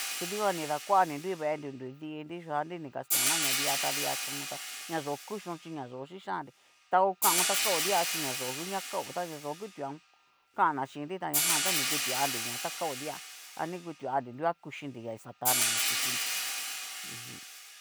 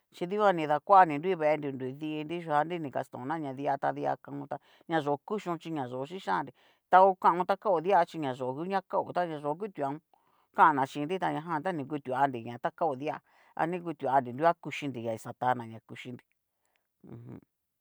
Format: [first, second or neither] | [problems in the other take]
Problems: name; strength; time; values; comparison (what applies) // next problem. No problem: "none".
second | background sound (Hi-hat); as loud as the speech